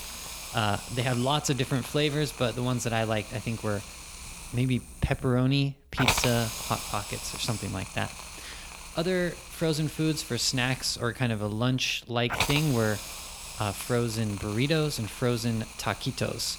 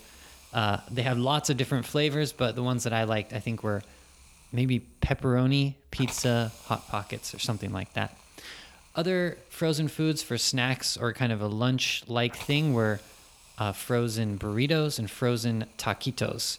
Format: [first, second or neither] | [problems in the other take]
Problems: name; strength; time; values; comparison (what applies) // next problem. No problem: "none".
second | hiss; loud; throughout; 7 dB below the speech; faint in the second